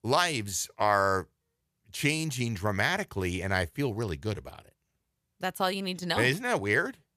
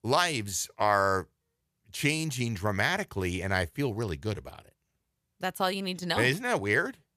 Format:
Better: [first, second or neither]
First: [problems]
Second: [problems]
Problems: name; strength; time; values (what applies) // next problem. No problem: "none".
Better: neither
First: none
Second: none